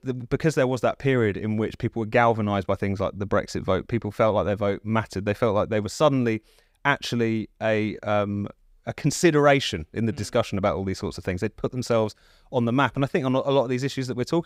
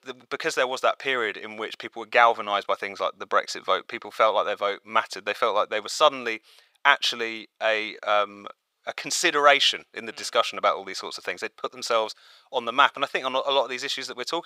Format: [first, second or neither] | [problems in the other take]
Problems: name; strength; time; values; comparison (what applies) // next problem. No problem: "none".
first | thin; very; fading below 750 Hz